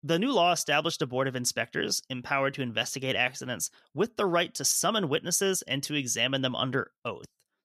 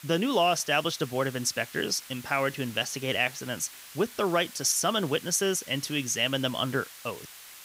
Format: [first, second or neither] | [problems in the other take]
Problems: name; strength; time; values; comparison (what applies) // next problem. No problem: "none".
first | hiss; noticeable; throughout; 15 dB below the speech